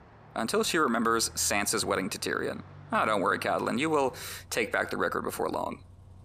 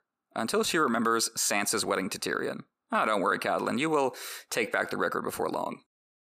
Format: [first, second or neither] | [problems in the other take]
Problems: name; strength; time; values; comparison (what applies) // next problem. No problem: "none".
second | traffic noise; faint; throughout; 20 dB below the speech